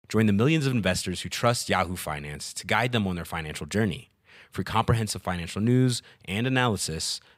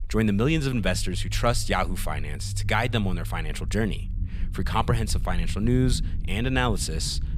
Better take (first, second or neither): first